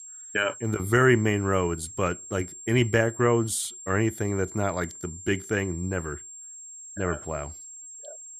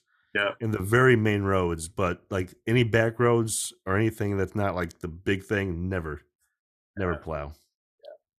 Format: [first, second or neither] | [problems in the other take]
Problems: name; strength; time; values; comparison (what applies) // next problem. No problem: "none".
second | high-pitched whine; noticeable; throughout; 7.5 kHz, 15 dB below the speech